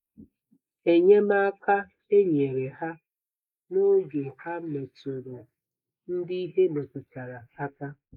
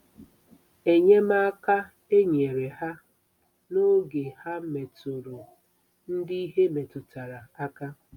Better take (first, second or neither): second